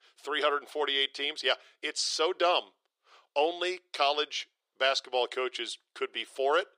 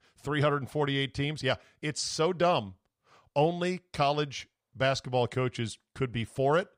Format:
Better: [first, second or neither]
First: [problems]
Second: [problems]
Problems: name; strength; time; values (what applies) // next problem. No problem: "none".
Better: second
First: thin; very; fading below 350 Hz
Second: none